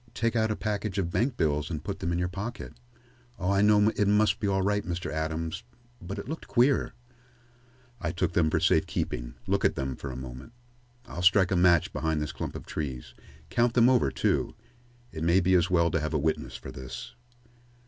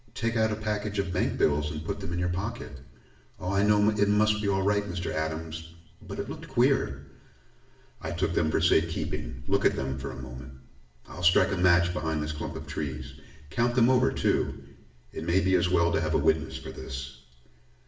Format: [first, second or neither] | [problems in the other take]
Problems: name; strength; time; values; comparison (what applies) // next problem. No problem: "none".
first | room echo; dies away in 0.7 s